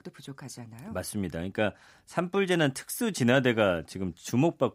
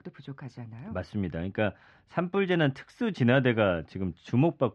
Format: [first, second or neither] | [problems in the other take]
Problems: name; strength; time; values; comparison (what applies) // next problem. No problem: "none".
first | muffled; slightly; fading above 3.5 kHz